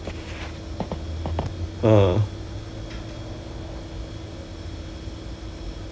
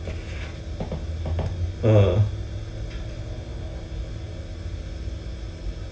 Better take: first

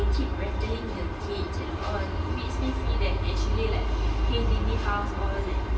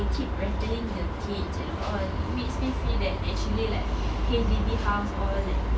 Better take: second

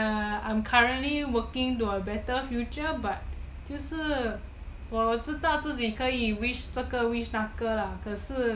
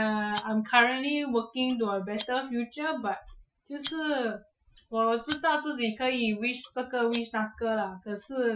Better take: first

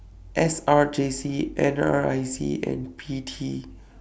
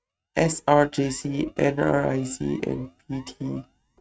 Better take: first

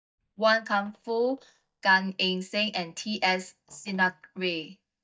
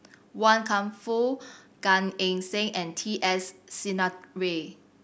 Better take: second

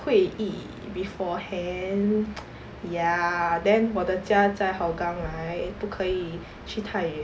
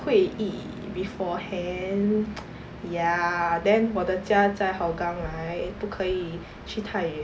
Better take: first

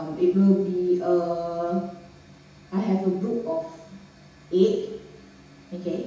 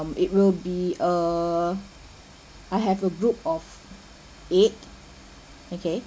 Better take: second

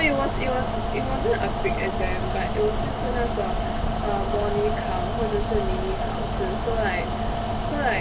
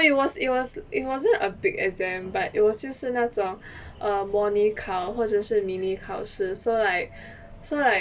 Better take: second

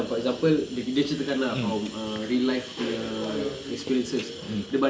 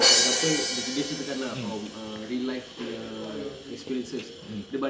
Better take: first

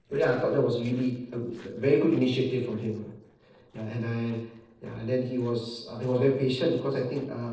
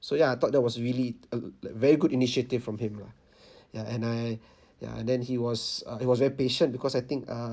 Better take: second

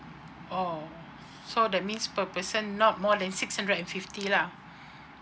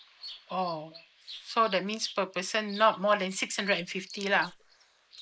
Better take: first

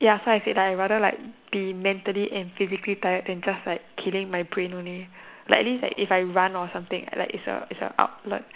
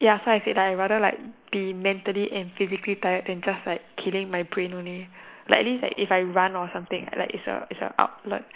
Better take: first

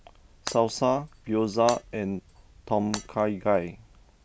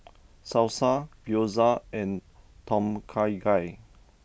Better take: second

